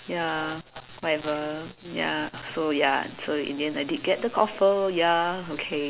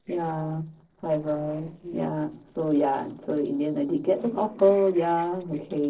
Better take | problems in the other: first | noise reduction (neural separator model SepFormer DNS4)

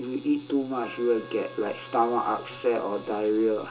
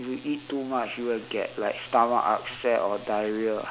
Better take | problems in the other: second | background sound (Trumpet); 20 dB below the speech // room echo; dies away in 0.2 s

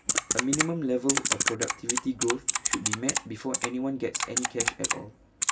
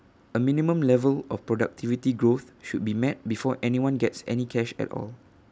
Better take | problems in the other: second | background sound (Typing); 3 dB above the speech // room echo; dies away in 0.2 s

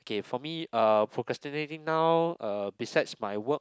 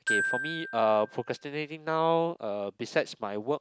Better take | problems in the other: first | background sound (Glockenspiel); 6 dB below the speech

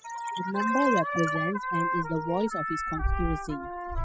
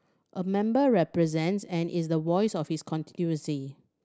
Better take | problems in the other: second | noise reduction (classical method spectral subtraction)

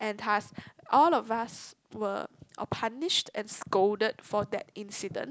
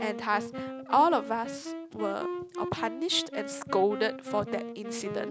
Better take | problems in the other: first | background sound (Wind instrument, woodwind instrument); 7 dB below the speech

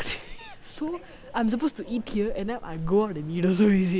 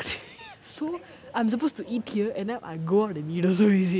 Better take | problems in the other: second | background sound (Meow / Purr); 13 dB below the speech

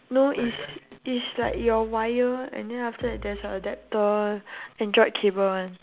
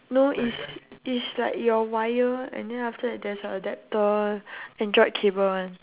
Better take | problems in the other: second | background sound (Bass drum); 18 dB below the speech

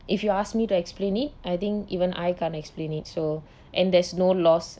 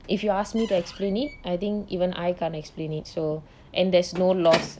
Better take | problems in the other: first | background sound (Squeak / Slam / Wood); 14 dB below the speech

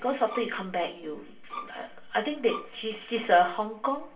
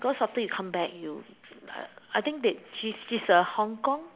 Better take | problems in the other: second | background sound (Bowed string instrument); 14 dB below the speech // room echo; dies away in 0.3 s

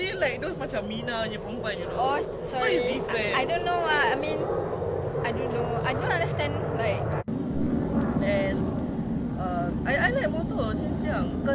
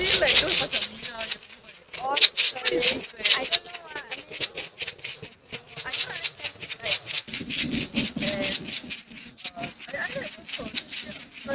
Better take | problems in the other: first | noise reduction (neural mask model RNNoise)

